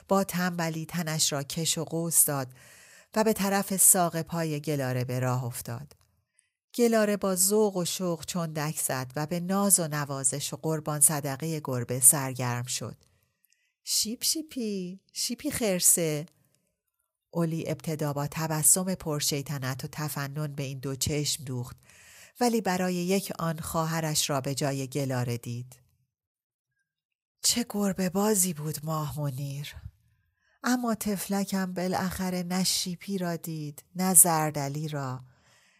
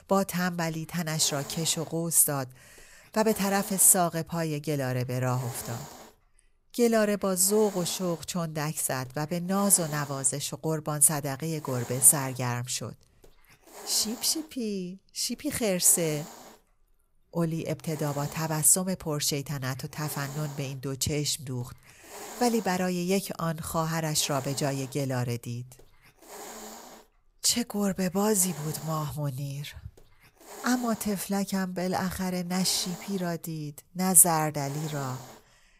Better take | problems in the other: first | hiss; noticeable; throughout; 20 dB below the speech

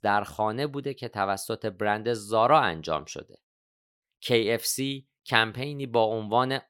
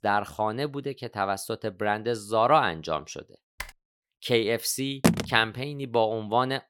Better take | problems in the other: first | keyboard typing; faint; at 3.5 s; peak 15 dB below the speech // phone ringing; loud; at 5 s; peak 2 dB above the speech

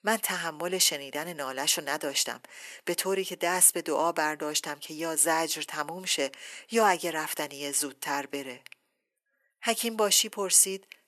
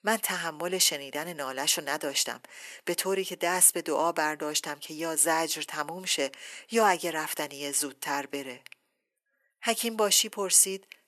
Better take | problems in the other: neither | thin; very; fading below 300 Hz; the same in both

